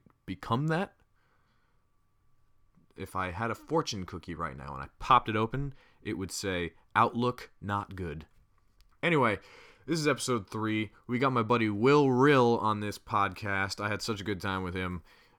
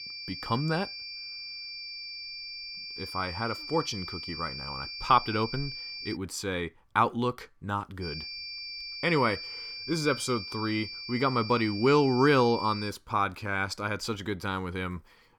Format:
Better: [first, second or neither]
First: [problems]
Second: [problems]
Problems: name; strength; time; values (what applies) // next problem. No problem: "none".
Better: first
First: none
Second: high-pitched whine; loud; until 6 s and from 8 to 13 s; 4.5 kHz, 8 dB below the speech